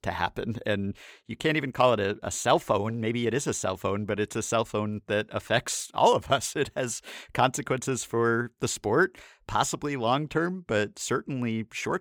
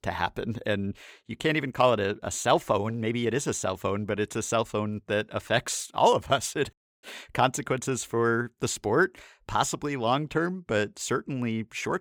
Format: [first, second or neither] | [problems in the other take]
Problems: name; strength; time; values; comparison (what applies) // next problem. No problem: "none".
first | audio cutting out; at 6.5 s